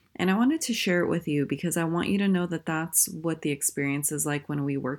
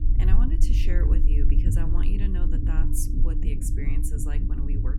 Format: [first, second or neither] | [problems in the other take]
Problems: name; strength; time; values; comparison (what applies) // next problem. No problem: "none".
first | low rumble; loud; throughout; 1 dB below the speech